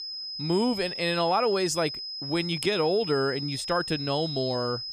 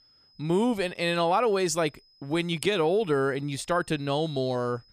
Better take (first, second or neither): second